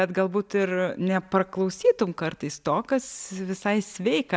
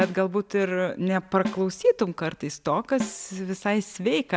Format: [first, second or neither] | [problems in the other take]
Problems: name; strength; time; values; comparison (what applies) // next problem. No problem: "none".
first | background sound (Snare drum); 12 dB below the speech